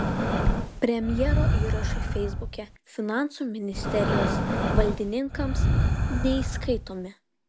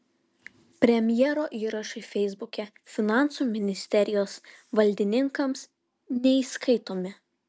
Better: second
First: background sound (Breathing); 4 dB above the speech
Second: none

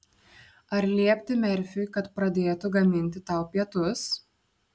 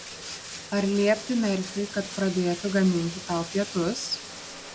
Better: first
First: none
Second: background sound (Bathtub (filling or washing)); 12 dB below the speech

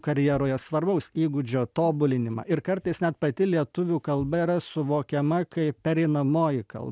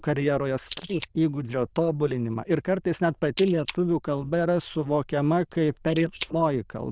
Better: first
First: none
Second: noise reduction (neural diffusion model UNIVERSE++)

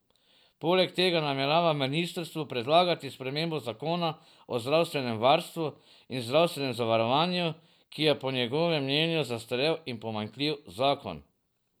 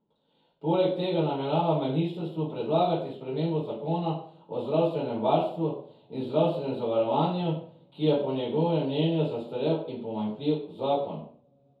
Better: first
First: none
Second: room echo; dies away in 0.6 s

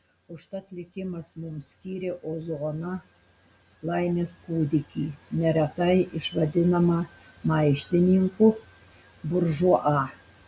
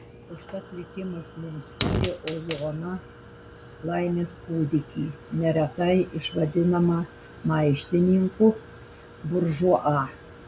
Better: first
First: none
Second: background sound (Fire); 13 dB below the speech

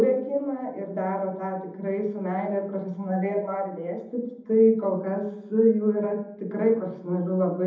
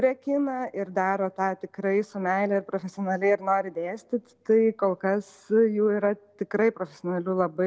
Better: second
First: room echo; dies away in 0.8 s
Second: none

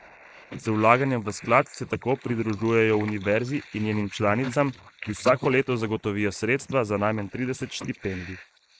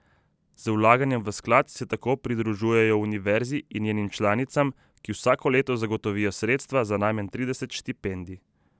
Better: second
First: noise reduction (neural mask model Resemble Enhance denoiser)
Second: none

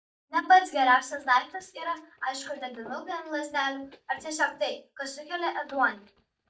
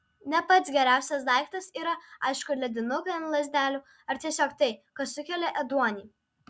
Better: second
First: noise reduction (neural mask model DeepFilterNet 3)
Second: none

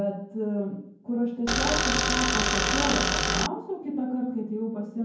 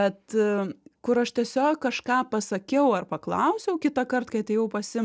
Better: second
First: background sound (Tools); 5 dB above the speech // room echo; dies away in 0.9 s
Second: none

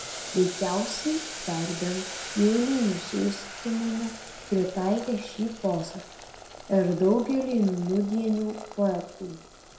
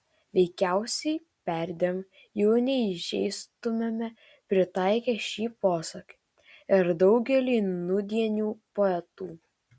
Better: second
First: background sound (Boiling); 12 dB below the speech // room echo; dies away in 0.6 s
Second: none

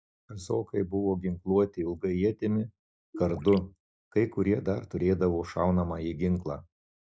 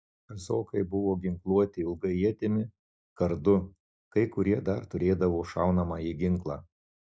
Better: second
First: background sound (Gurgling); 13 dB below the speech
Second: none

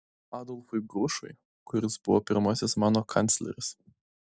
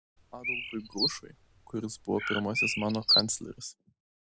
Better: first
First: none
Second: background sound (Bird); 3 dB above the speech

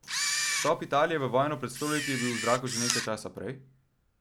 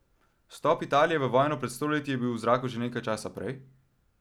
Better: second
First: background sound (Camera); 3 dB below the speech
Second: none

